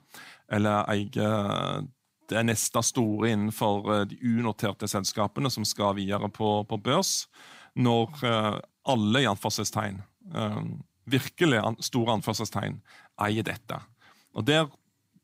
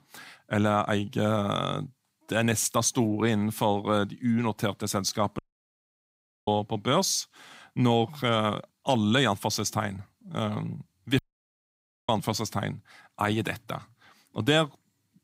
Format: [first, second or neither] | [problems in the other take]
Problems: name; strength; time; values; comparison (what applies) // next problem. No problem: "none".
first | audio cutting out; at 5.5 s for 1 s and at 11 s for 1 s